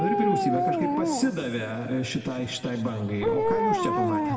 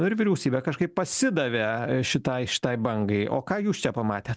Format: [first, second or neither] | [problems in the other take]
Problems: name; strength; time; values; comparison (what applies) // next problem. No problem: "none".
second | background sound (Dog); 1 dB above the speech // room echo; dies away in 1.9 s